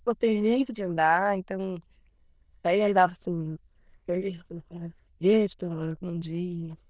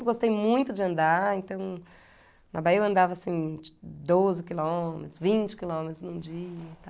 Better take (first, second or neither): second